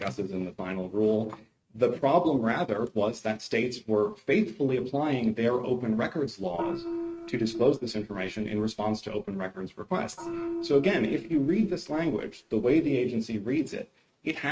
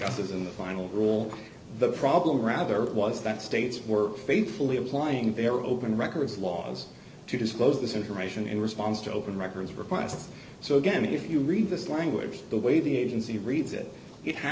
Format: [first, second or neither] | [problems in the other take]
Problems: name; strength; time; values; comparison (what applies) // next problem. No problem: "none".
second | noise reduction (neural mask model RNNoise)